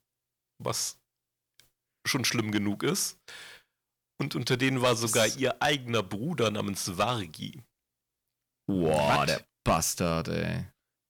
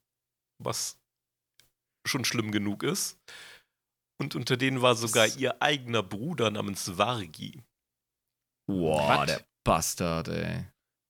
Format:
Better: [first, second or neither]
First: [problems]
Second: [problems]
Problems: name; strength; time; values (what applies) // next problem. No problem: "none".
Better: second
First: distortion; slight; 1.6% of the sound clipped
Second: none